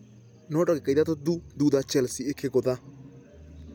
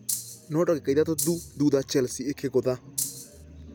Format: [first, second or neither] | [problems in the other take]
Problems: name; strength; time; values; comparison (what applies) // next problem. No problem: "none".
first | background sound (Rattle (instrument)); 6 dB below the speech